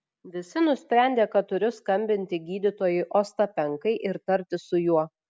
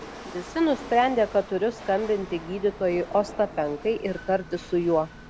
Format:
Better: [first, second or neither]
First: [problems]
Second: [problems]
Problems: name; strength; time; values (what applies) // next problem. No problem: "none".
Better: first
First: none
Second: background sound (Rattle / Chatter / Hiss / Engine / Mechanisms); 15 dB below the speech